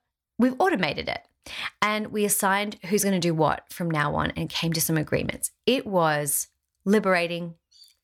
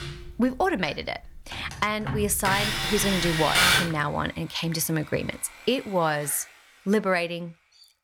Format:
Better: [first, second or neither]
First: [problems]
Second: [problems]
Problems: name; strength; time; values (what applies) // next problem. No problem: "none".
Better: first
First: none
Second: machinery noise; very loud; throughout; 2 dB above the speech